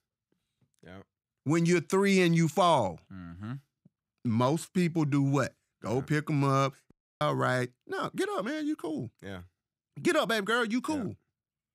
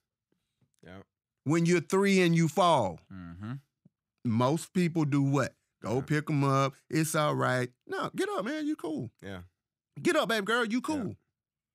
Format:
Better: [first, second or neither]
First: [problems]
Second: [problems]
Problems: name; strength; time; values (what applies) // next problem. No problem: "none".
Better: second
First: audio cutting out; at 7 s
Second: none